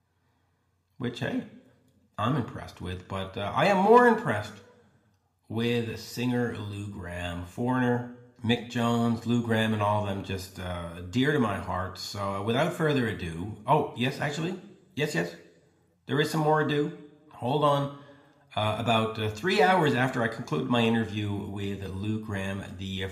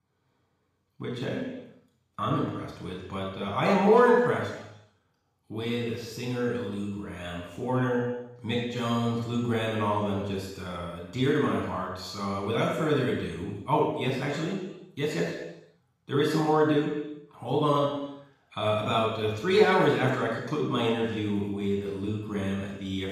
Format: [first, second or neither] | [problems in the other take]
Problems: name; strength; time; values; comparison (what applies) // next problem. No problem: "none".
first | room echo; strong; dies away in 0.9 s; slight in the first // off-mic speech; far